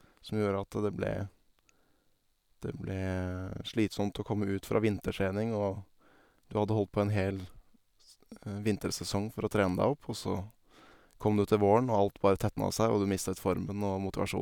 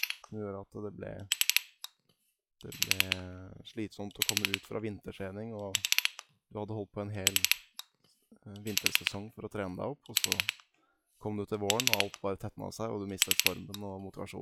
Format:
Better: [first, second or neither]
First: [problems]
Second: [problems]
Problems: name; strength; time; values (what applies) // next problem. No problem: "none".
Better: first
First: none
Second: noise reduction (classical method log-MMSE)